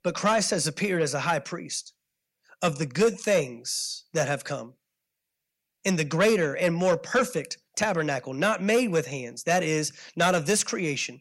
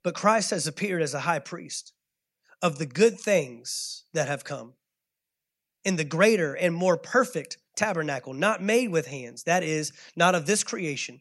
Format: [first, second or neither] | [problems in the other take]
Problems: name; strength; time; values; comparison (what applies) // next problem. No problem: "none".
second | distortion; slight; 10 dB below the speech